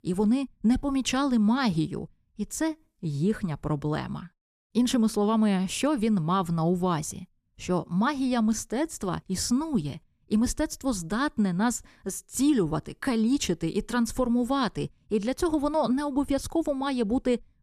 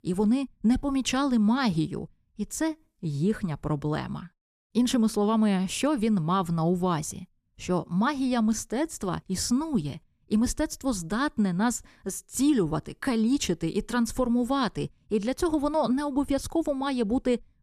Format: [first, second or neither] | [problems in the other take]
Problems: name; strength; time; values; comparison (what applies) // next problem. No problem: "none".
neither | none